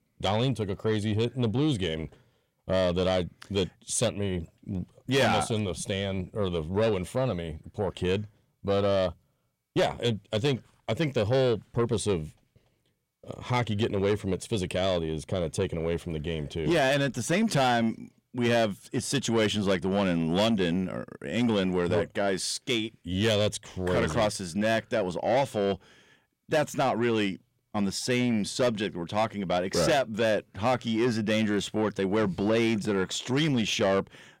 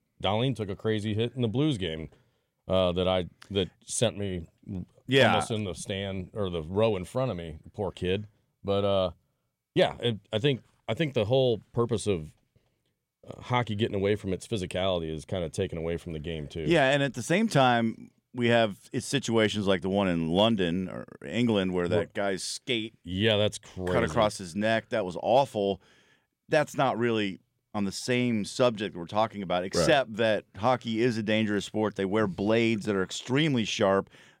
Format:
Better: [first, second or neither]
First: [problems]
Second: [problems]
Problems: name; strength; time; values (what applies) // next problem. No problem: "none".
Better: second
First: distortion; slight; 10 dB below the speech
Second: none